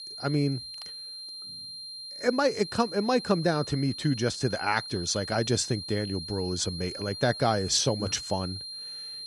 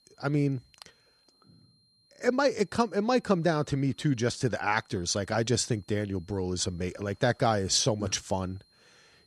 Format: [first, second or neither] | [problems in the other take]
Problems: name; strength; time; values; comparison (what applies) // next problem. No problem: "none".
second | high-pitched whine; loud; throughout; 4 kHz, 9 dB below the speech; faint in the second